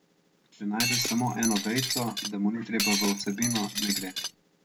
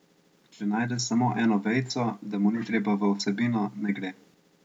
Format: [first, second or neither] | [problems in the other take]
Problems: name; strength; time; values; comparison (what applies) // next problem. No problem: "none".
second | background sound (Shatter); 1 dB below the speech